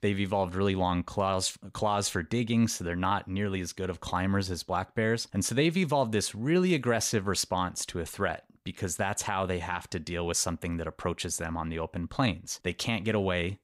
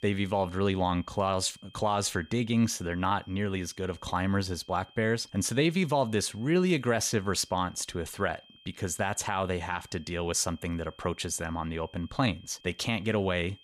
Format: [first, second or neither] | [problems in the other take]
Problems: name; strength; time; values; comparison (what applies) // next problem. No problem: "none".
first | high-pitched whine; faint; throughout; 3 kHz, 25 dB below the speech